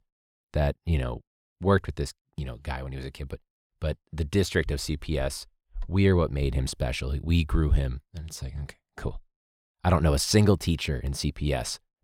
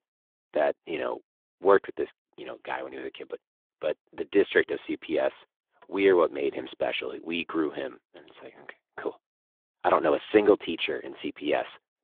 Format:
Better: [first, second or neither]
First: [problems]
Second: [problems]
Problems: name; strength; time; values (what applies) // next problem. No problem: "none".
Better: first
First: none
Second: phone-call audio